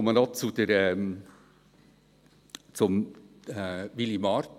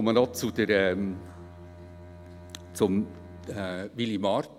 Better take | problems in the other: first | background sound (Bowed string instrument); 17 dB below the speech

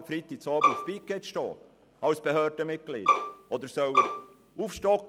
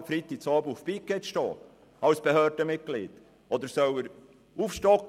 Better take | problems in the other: second | background sound (Bowed string instrument); 3 dB above the speech

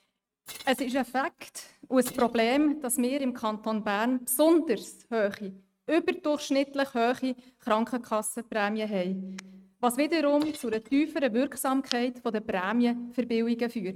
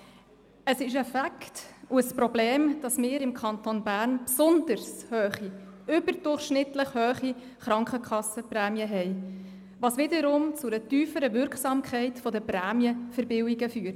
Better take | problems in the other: second | noise reduction (neural mask model RNNoise)

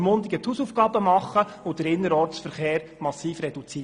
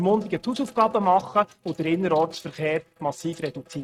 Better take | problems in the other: first | noise reduction (neural mask model RNNoise)

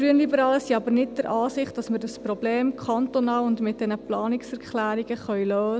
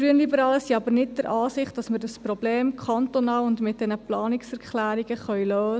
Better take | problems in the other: second | background sound (Brass instrument); 18 dB below the speech

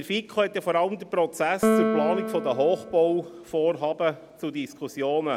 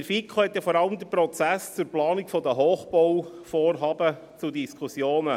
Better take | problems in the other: second | background sound (Piano); 4 dB below the speech

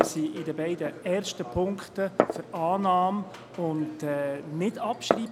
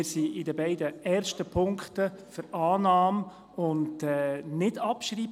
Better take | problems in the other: second | background sound (Glass); 5 dB below the speech

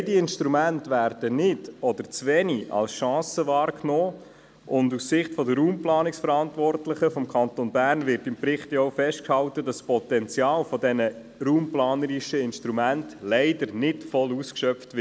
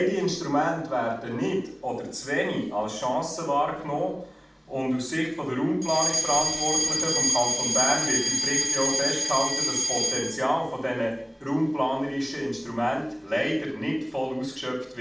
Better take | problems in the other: first | background sound (Alarm); 3 dB below the speech // room echo; dies away in 0.5 s

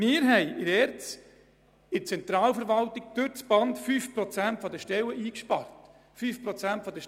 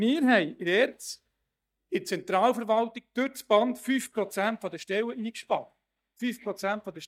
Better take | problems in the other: first | noise reduction (neural mask model DeepFilterNet 3)

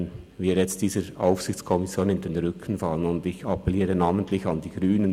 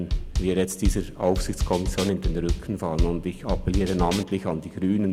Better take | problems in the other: first | background sound (Drum kit); 2 dB below the speech

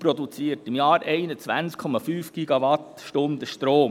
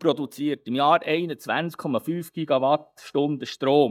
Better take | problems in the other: first | noise reduction (neural mask model DeepFilterNet 3)

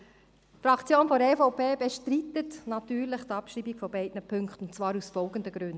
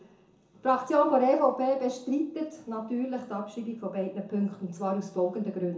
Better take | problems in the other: first | room echo; dies away in 0.5 s

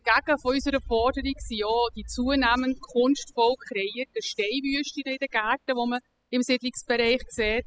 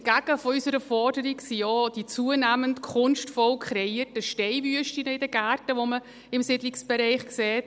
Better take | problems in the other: second | noise reduction (classical method spectral subtraction)

